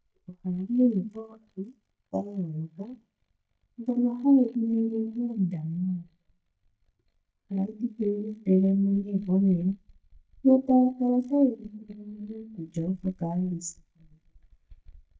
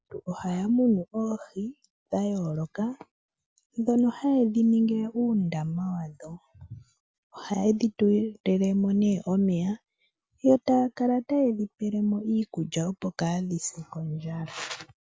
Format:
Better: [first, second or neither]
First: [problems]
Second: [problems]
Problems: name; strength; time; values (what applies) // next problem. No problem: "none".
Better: second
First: noise reduction (neural mask model DeepFilterNet 3)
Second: none